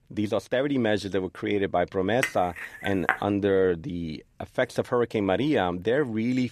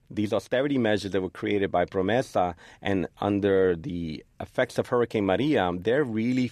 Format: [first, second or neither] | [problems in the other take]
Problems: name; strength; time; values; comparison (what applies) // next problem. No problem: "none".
second | clattering dishes; noticeable; at 2 s; peak 2 dB below the speech